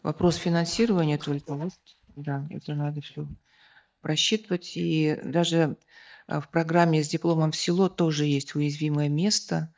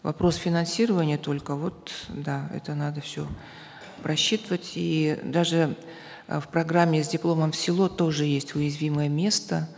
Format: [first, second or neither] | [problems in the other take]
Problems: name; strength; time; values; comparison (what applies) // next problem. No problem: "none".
second | noise reduction (neural mask model DeepFilterNet 3)